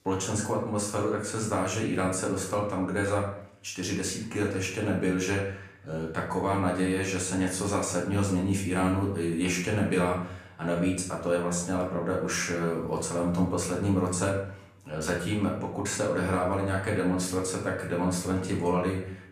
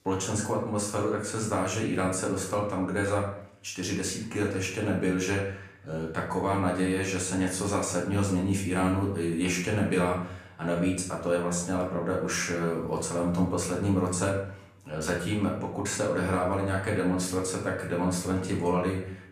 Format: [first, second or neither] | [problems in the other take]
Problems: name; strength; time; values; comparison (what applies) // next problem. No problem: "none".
neither | off-mic speech; far; the same in both // room echo; noticeable; dies away in 0.6 s; the same in both